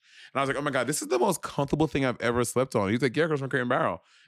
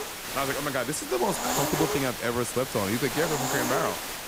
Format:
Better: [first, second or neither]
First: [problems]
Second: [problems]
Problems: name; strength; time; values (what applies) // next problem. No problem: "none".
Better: first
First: none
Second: hiss; loud; throughout; 1 dB below the speech